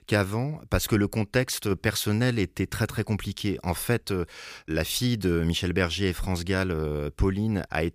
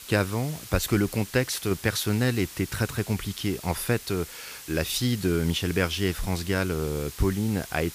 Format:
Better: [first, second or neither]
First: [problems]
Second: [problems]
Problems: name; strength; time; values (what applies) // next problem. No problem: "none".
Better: first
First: none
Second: hiss; noticeable; throughout; 15 dB below the speech